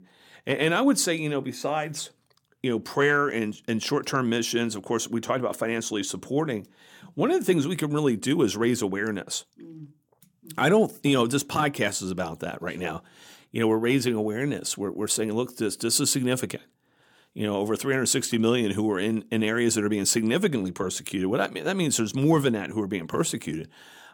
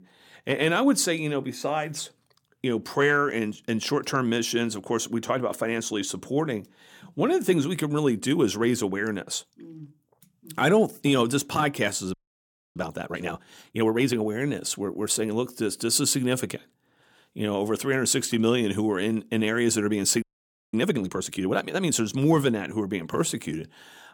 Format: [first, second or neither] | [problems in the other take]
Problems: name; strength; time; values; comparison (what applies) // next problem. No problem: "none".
first | audio freezing; at 12 s for 0.5 s and at 20 s for 0.5 s